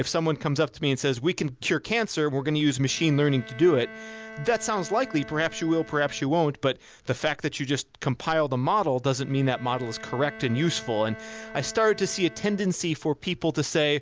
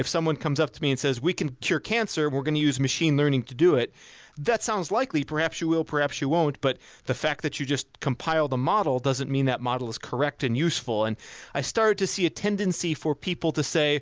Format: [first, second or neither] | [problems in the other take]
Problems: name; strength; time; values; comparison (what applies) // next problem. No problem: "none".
second | background sound (Bowed string instrument); 20 dB below the speech